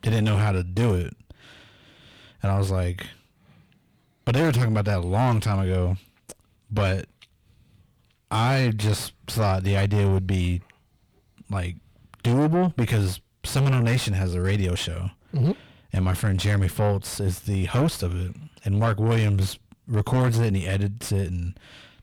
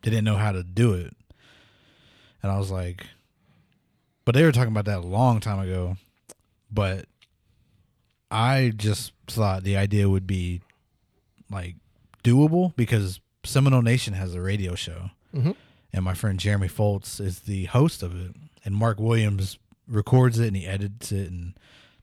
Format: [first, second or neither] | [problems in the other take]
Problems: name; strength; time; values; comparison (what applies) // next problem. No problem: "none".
second | distortion; heavy; 5 dB below the speech